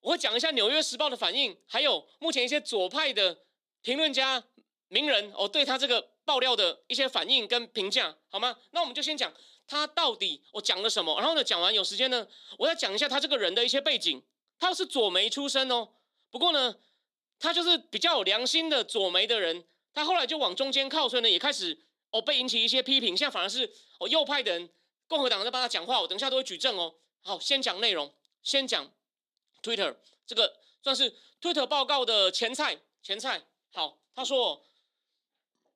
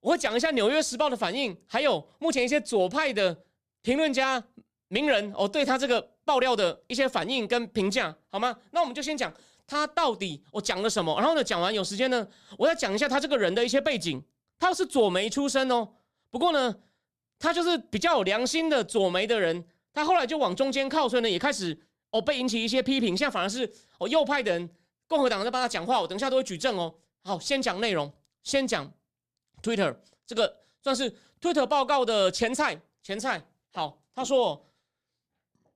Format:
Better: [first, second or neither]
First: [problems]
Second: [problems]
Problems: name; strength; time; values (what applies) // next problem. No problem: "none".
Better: second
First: thin; very slightly; fading below 250 Hz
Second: none